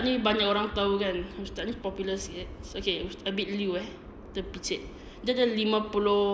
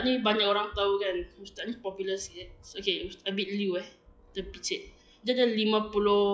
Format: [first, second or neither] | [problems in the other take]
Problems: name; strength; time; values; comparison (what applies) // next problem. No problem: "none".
first | noise reduction (classical method log-MMSE)